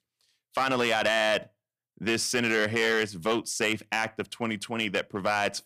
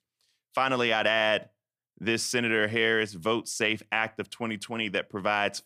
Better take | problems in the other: second | distortion; slight; 4% of the sound clipped

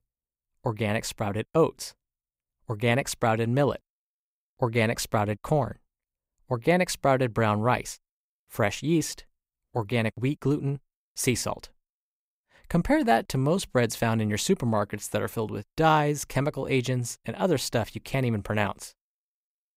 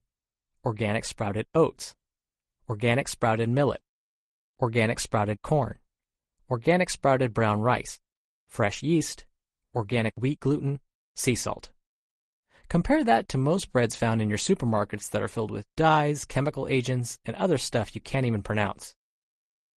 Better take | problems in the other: first | garbled, watery; slightly; nothing above 12 kHz

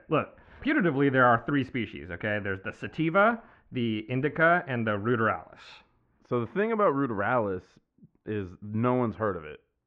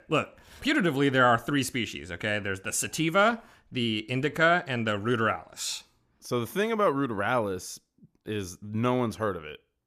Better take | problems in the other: second | muffled; very; fading above 2 kHz

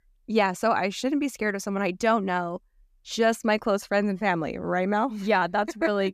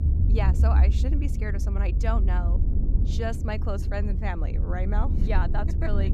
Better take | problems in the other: first | low rumble; loud; throughout; 7 dB below the speech

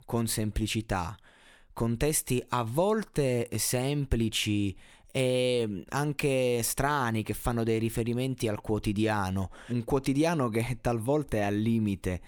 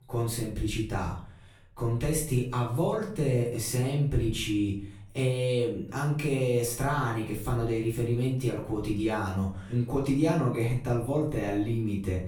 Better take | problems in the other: first | off-mic speech; far // room echo; noticeable; dies away in 0.5 s

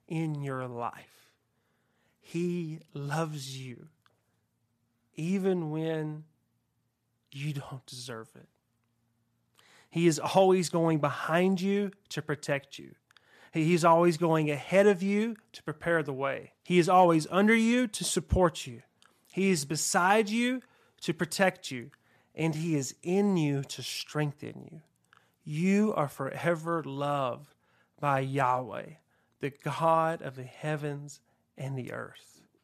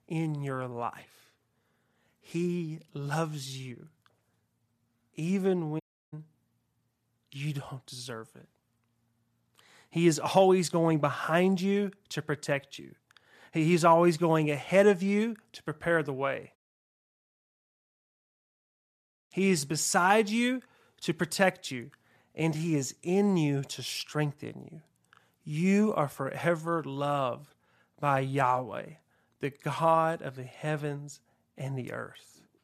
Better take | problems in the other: first | audio cutting out; at 6 s and at 17 s for 2.5 s

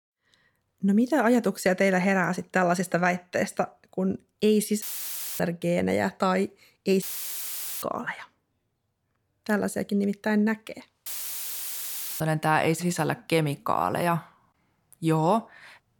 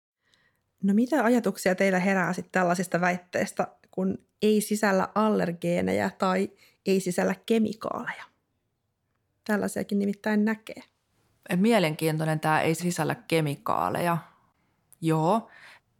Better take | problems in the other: second | audio cutting out; filled with static; at 5 s for 0.5 s, at 7 s for 1 s and at 11 s for 1 s

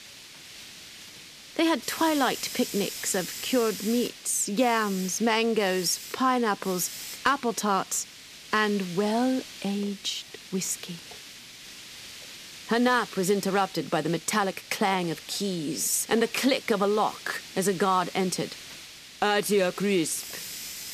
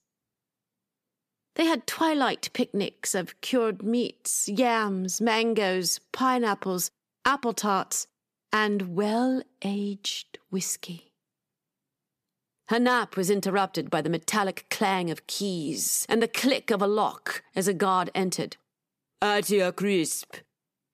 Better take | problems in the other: second | hiss; noticeable; throughout; 15 dB below the speech

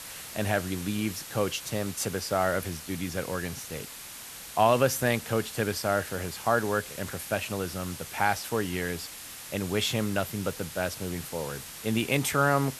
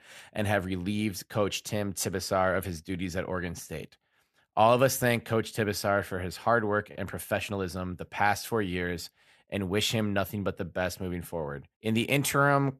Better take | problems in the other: second | hiss; noticeable; throughout; 10 dB below the speech

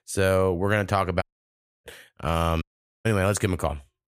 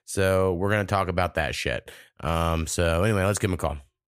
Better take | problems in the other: second | audio cutting out; at 1 s for 0.5 s and at 2.5 s

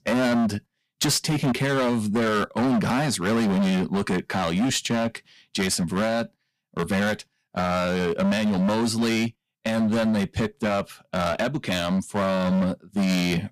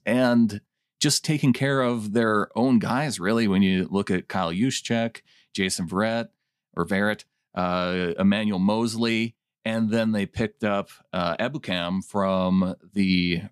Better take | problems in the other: second | distortion; heavy; 22% of the sound clipped

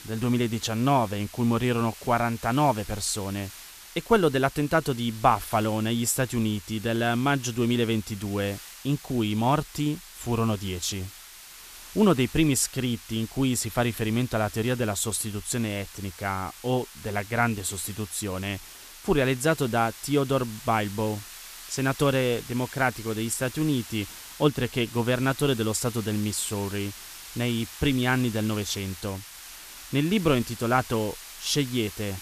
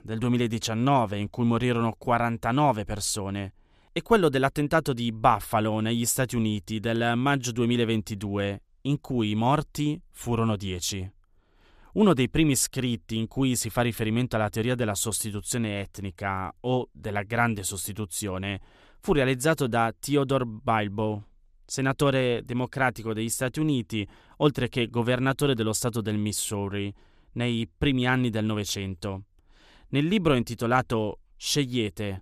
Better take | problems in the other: second | hiss; noticeable; throughout; 15 dB below the speech

